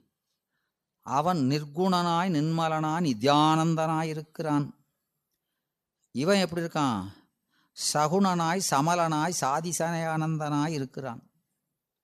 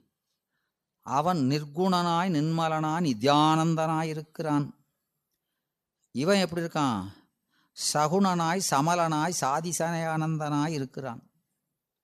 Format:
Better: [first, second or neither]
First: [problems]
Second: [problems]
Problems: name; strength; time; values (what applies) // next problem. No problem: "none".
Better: neither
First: none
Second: none